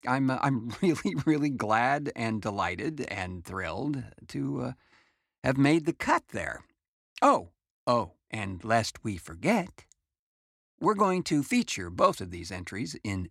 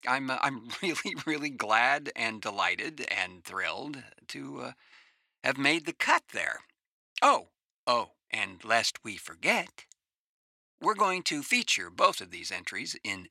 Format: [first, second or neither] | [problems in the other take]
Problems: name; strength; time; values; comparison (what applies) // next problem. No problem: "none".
first | thin; somewhat; fading below 1 kHz